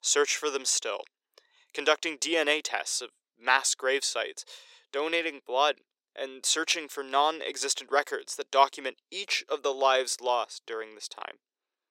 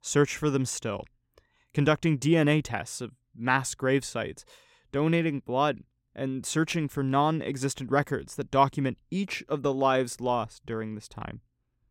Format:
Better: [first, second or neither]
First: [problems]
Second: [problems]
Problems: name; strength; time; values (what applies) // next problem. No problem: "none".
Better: second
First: thin; very; fading below 400 Hz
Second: none